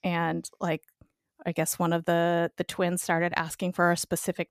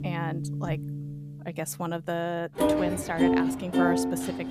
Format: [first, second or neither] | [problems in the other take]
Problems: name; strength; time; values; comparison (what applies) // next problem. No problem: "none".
first | background music; very loud; throughout; 5 dB above the speech